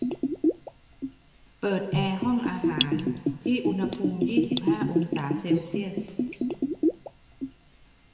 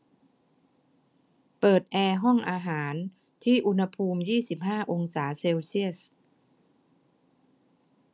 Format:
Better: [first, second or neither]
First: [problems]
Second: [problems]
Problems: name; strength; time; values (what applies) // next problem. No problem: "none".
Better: second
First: background sound (Bathtub (filling or washing) / Gurgling); 3 dB above the speech // room echo; dies away in 1.9 s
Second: none